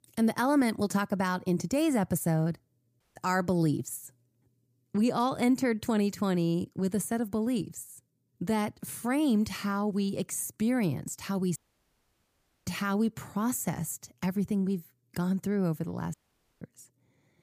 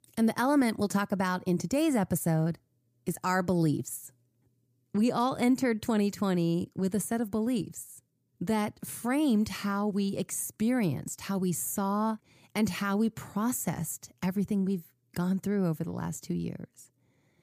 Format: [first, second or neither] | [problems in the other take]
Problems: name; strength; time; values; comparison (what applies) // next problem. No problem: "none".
second | audio cutting out; at 3 s, at 12 s for 1 s and at 16 s